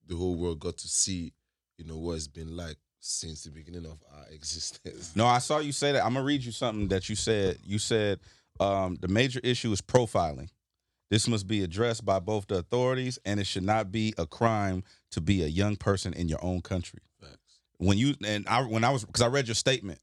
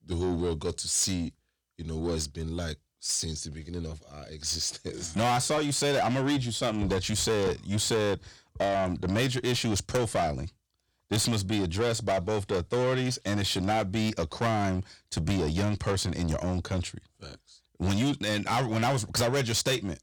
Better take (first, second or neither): first